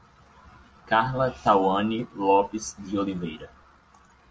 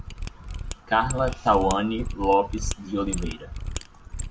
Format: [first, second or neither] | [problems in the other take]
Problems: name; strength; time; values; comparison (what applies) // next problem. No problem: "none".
first | background sound (Mechanisms); 6 dB below the speech